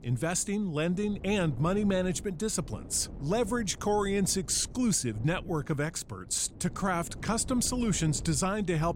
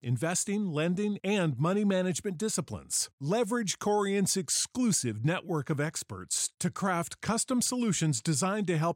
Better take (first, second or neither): second